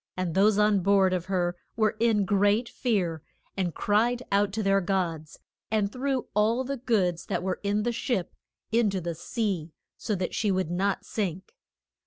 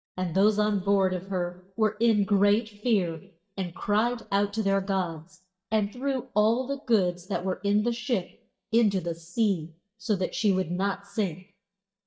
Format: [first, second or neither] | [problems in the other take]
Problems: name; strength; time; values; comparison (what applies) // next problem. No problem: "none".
first | noise reduction (neural mask model DeepFilterNet 3)